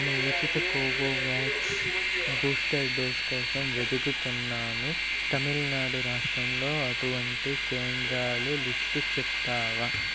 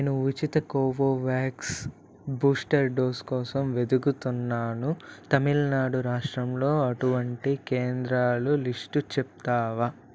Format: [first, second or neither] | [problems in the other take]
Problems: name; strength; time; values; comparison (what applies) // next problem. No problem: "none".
second | background sound (Train); 4 dB above the speech